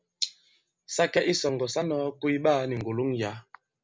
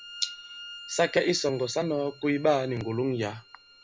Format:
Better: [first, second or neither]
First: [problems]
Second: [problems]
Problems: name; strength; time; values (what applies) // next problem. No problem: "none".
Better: first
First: none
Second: background sound (Bowed string instrument); 18 dB below the speech